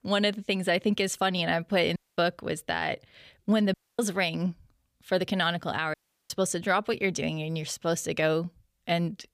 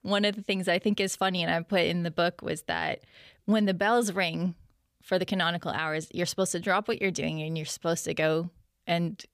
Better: second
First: audio cutting out; at 2 s, at 3.5 s and at 6 s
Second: none

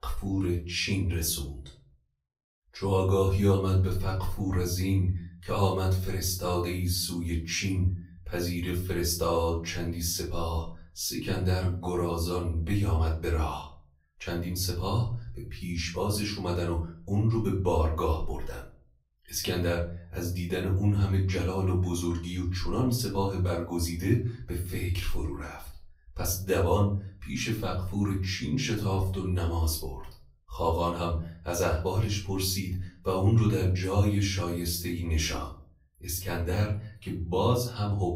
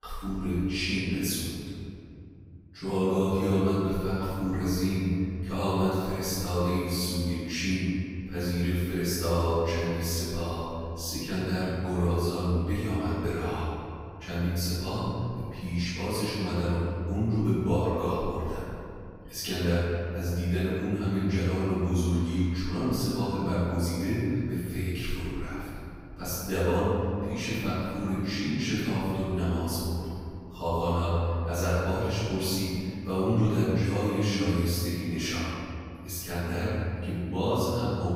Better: first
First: room echo; slight; dies away in 0.5 s // off-mic speech; far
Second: room echo; strong; dies away in 2.6 s // off-mic speech; far

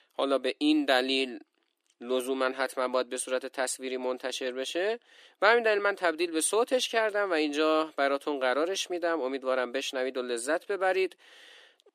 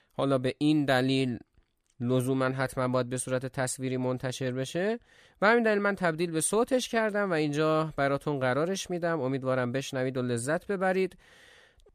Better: second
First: thin; somewhat; fading below 300 Hz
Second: none

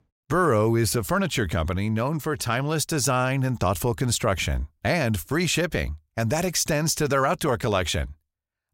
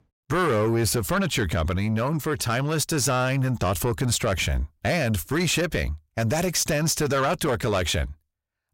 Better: first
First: none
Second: distortion; slight; 10 dB below the speech

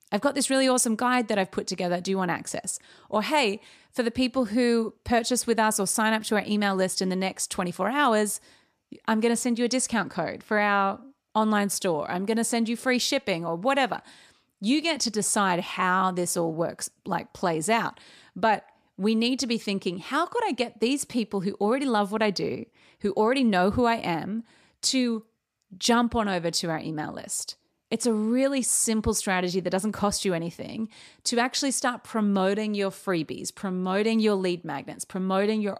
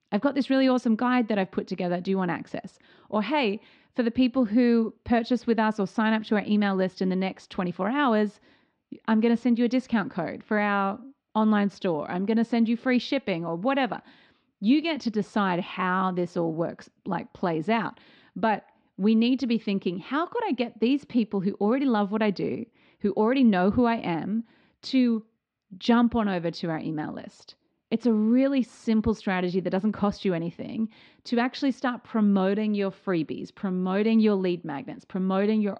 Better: first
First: none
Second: muffled; slightly; fading above 4 kHz

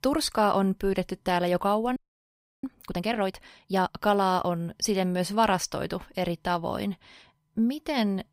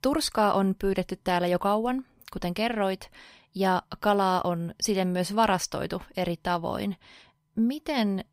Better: second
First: audio freezing; at 2 s for 0.5 s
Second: none

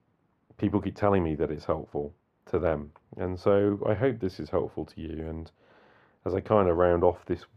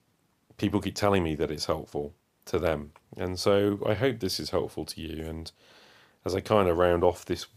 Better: second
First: muffled; very; fading above 3 kHz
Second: none

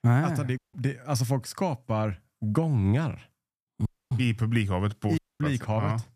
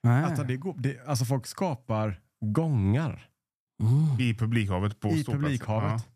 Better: second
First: audio cutting out; at 0.5 s, at 4 s and at 5 s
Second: none

